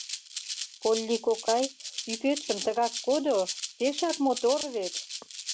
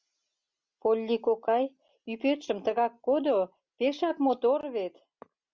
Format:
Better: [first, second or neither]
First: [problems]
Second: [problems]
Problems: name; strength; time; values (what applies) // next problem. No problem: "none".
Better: second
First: background sound (Rattle (instrument)); 8 dB below the speech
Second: none